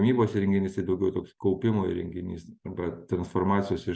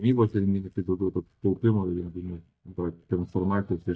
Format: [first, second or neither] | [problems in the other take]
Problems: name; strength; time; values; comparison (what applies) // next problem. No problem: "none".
first | noise reduction (neural mask model DeepFilterNet 3)